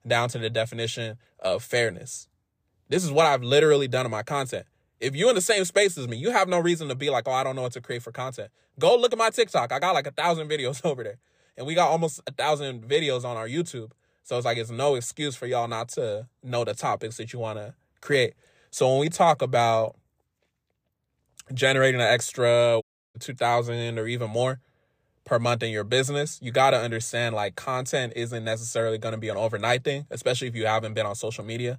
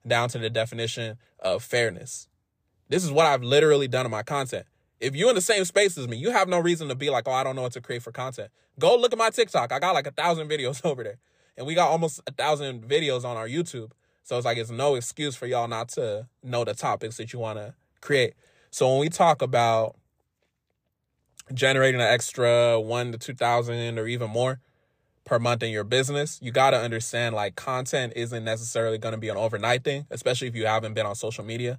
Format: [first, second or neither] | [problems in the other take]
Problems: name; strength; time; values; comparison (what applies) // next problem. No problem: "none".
second | audio cutting out; at 23 s